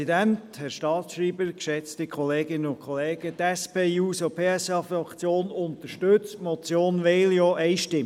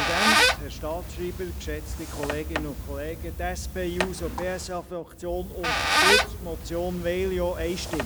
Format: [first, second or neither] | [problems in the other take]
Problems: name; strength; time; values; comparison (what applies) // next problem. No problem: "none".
first | background sound (Squeak); 3 dB above the speech